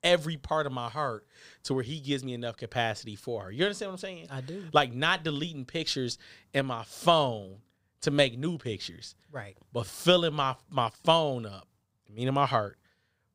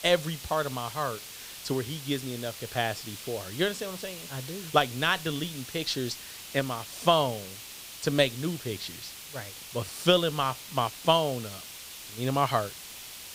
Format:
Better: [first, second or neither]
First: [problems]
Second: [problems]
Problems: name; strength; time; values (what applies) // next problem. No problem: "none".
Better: first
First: none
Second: hiss; noticeable; throughout; 10 dB below the speech